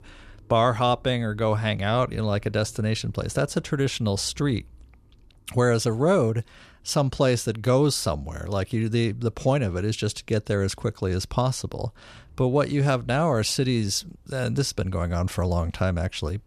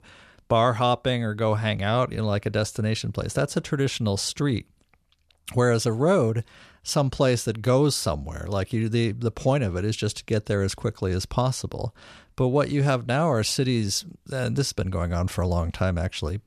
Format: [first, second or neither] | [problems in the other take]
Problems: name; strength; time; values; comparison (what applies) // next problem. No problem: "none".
second | traffic noise; faint; throughout; 30 dB below the speech